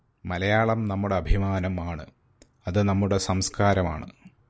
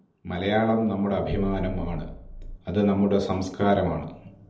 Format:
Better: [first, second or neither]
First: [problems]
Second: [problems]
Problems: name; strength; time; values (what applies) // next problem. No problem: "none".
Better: first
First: none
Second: room echo; dies away in 0.9 s